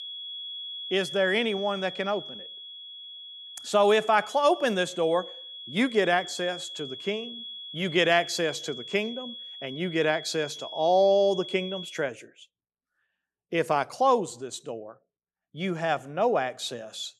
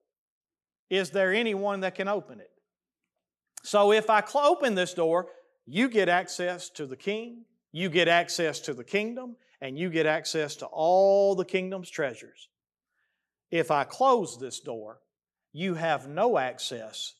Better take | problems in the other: second | high-pitched whine; noticeable; until 12 s; 3.5 kHz, 10 dB below the speech

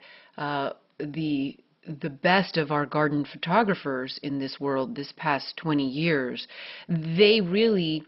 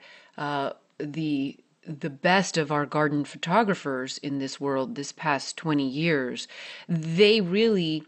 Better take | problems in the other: second | garbled, watery; badly; nothing above 5 kHz; slightly in the second

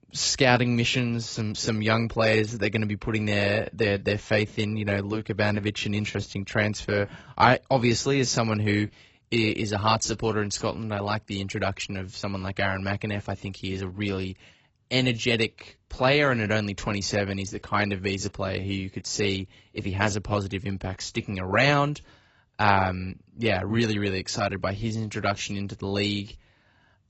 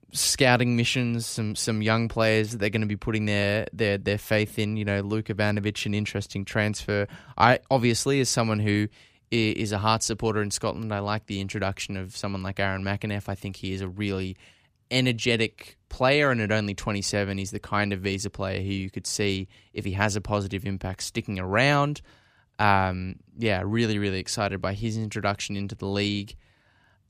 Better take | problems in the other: second | garbled, watery; badly; nothing above 7.5 kHz

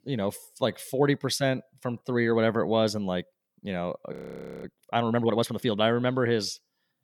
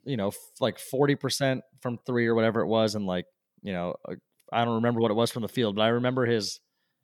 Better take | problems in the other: second | audio freezing; at 4 s for 0.5 s

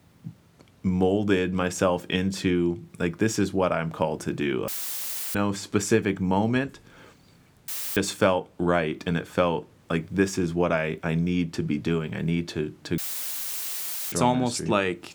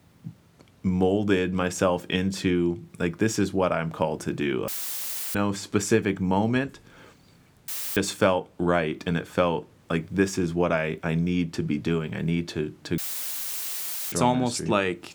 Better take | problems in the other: neither | audio cutting out; filled with static; at 4.5 s for 0.5 s, at 7.5 s and at 13 s for 1 s; the same in both

